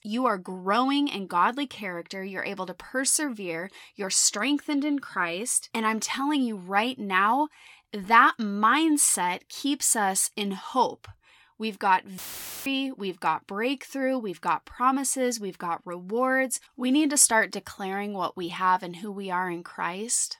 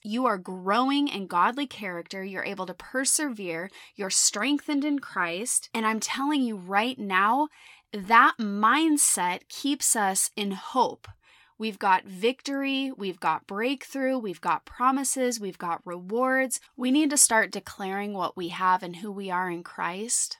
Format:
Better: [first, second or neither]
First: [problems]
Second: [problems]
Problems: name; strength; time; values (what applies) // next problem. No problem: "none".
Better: second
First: audio cutting out; filled with static; at 12 s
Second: none